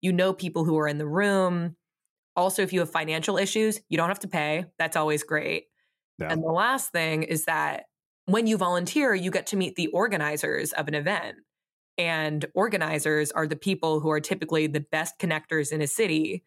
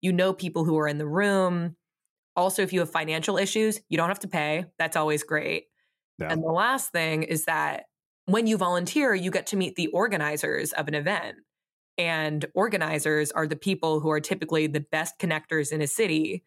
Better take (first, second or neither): neither